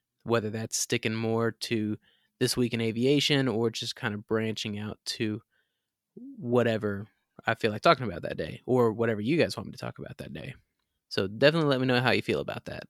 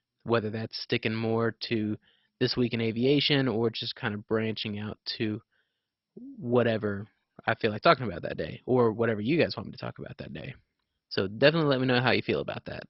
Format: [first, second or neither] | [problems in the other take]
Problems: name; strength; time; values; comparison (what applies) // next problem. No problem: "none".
first | garbled, watery; badly; nothing above 5.5 kHz